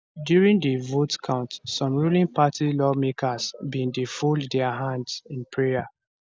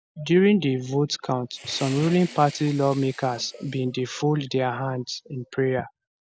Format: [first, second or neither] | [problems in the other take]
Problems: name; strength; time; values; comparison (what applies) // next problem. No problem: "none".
first | background sound (Fire); 20 dB below the speech